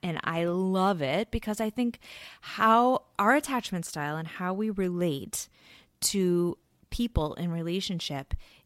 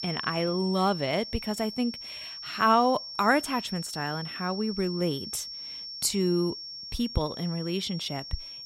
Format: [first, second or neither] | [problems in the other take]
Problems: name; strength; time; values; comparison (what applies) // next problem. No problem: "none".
first | high-pitched whine; loud; throughout; 5.5 kHz, 9 dB below the speech